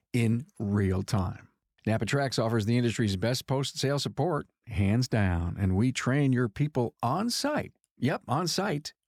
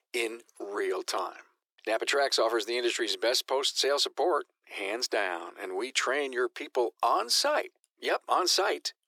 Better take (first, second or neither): first